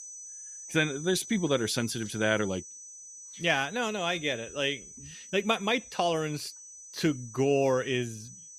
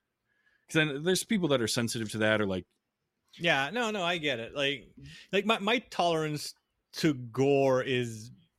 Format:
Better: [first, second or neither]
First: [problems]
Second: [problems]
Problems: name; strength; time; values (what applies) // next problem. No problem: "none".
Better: second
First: high-pitched whine; noticeable; throughout; 6 kHz, 15 dB below the speech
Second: none